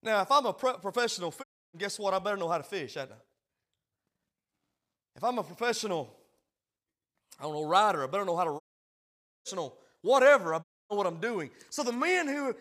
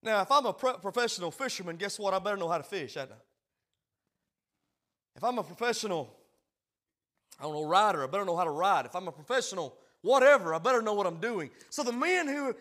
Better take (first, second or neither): second